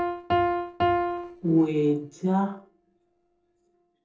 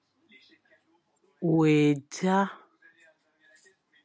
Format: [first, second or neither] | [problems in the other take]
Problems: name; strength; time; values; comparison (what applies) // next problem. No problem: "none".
second | noise reduction (neural separator model SepFormer DNS4)